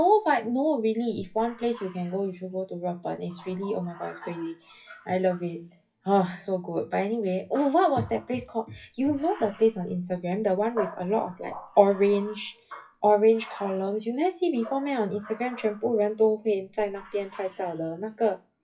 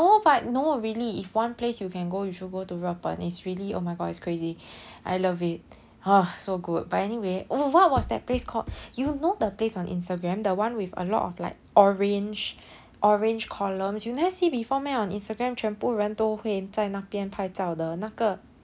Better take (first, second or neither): second